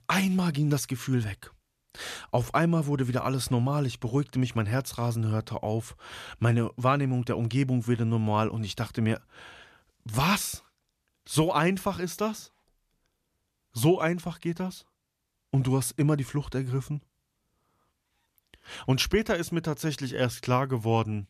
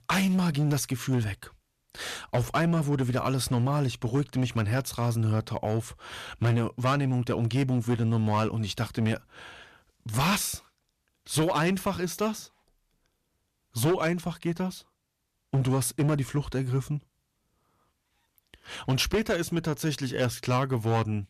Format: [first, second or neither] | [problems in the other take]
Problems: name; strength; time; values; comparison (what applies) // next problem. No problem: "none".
first | distortion; slight; 8% of the sound clipped